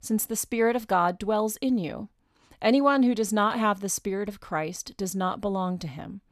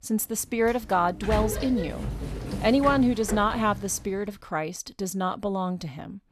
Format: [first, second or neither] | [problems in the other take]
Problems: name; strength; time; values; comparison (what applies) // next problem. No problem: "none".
first | door banging; noticeable; from 0.5 to 4 s; peak 3 dB below the speech